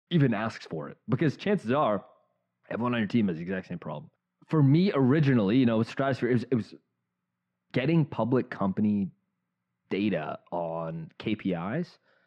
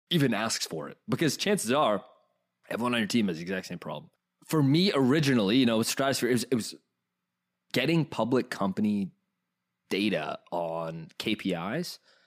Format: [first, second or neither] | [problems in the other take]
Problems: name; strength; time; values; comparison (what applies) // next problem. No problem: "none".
second | muffled; very; fading above 2 kHz